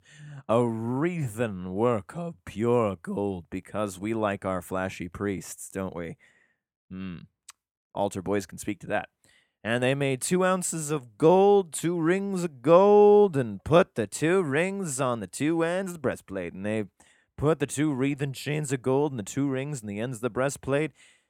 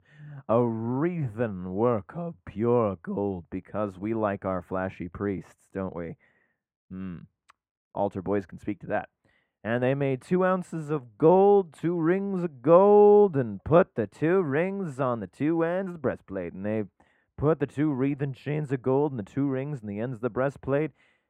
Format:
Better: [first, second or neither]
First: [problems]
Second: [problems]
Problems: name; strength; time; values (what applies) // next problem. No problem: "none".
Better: first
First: none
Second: muffled; very; fading above 3.5 kHz